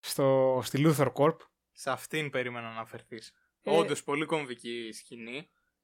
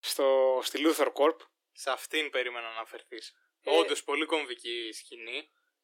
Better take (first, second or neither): first